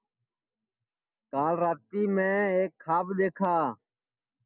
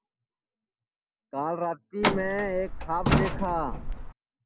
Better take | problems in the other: first | background sound (Truck); 4 dB above the speech

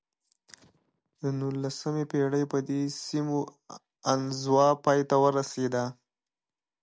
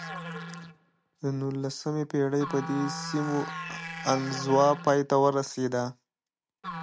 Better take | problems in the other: first | background sound (Musical instrument); 11 dB below the speech

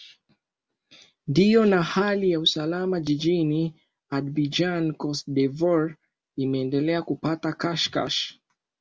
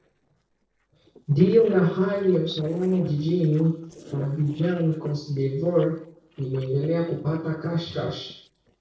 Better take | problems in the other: first | noise reduction (neural separator model SepFormer DNS4)

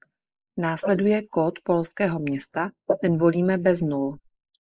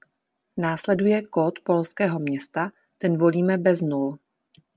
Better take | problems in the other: second | noise reduction (neural mask model Resemble Enhance denoiser)

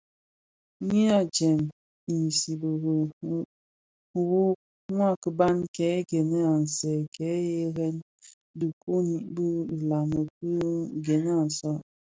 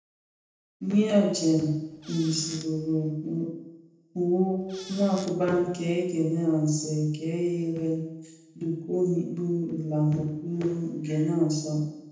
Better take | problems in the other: first | background sound (Squeak / Cupboard open or close); 18 dB below the speech // room echo; dies away in 0.9 s

